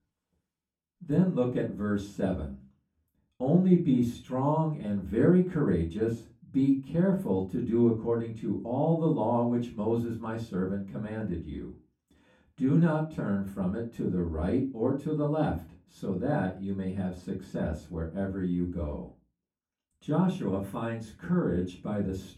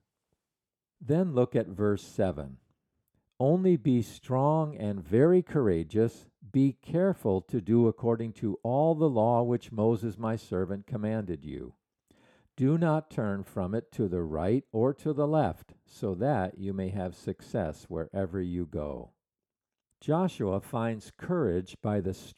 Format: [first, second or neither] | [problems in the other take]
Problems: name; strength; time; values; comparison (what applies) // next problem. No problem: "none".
second | off-mic speech; far // room echo; very slight; dies away in 0.2 s